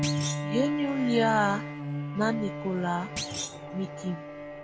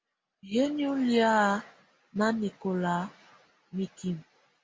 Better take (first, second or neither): second